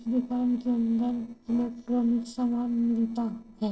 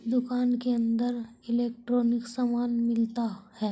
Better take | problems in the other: second | noise reduction (neural separator model SepFormer DNS4)

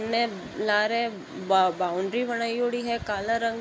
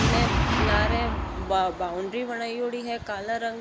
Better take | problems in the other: first | background sound (Boom); 1 dB above the speech

